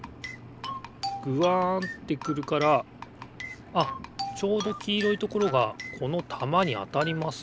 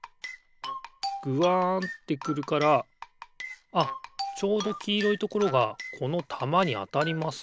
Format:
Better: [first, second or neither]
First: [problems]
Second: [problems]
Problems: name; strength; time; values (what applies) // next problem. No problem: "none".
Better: second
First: background sound (Engine); 18 dB below the speech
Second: none